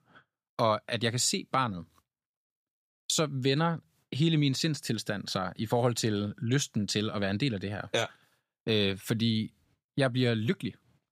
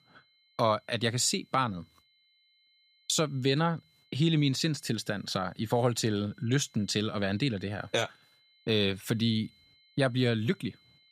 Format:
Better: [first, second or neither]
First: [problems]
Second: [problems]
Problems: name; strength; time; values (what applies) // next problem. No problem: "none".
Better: first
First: none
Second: high-pitched whine; faint; throughout; 4 kHz, 35 dB below the speech